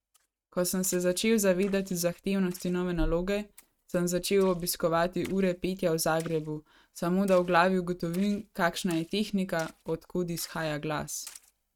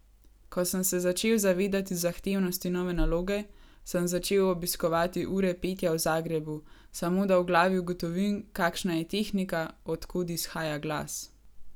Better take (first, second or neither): second